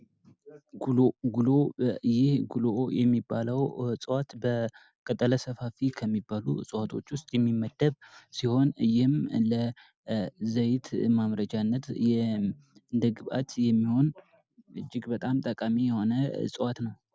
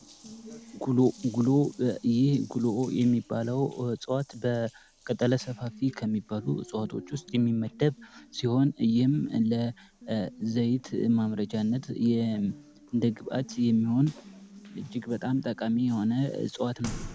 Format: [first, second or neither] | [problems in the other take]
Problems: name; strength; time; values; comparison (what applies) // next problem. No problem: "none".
first | background sound (Water tap, faucet); 20 dB below the speech